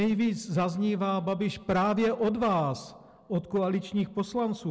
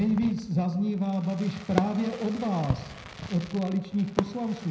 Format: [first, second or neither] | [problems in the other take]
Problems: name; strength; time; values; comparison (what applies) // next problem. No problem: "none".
first | background sound (Fireworks); 9 dB below the speech // room echo; dies away in 0.8 s